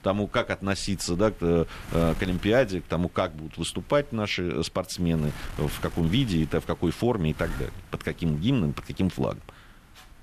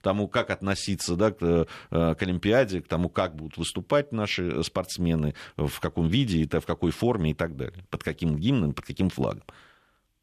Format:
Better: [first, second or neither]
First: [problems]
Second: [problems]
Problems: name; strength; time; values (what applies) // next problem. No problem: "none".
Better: second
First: wind noise on the microphone; occasional gusts; 20 dB below the speech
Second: none